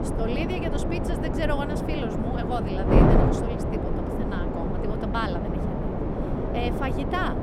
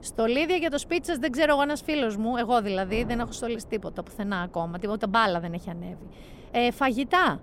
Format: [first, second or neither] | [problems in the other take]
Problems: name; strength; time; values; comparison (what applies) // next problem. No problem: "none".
second | wind noise on the microphone; heavy; 2 dB above the speech; occasional gusts in the second